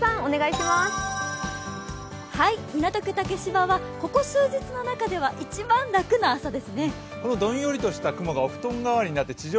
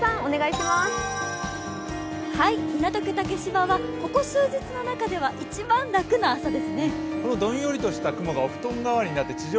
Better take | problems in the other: first | background sound (Harp); 7 dB below the speech

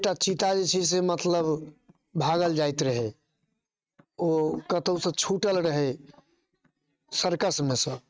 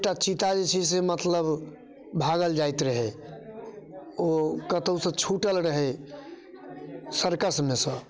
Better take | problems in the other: second | noise reduction (neural mask model RNNoise)

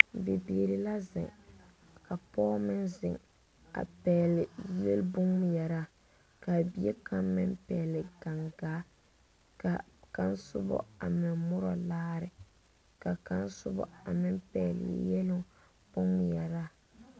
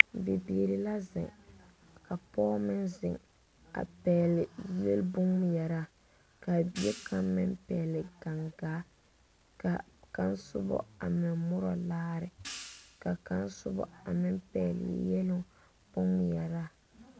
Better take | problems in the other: first | background sound (Hi-hat); 17 dB below the speech

